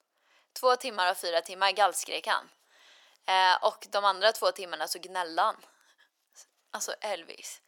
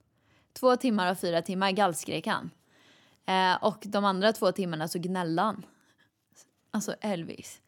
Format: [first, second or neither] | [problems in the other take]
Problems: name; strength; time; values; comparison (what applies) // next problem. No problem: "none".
second | thin; very; fading below 550 Hz